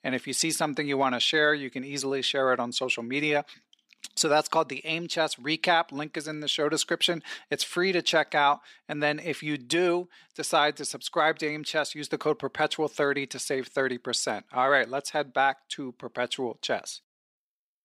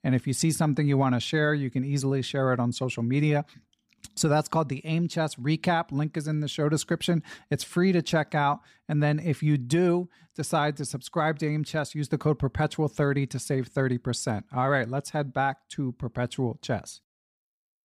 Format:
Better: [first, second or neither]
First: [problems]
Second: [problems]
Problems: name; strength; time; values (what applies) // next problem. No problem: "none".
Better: second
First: thin; somewhat; fading below 400 Hz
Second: none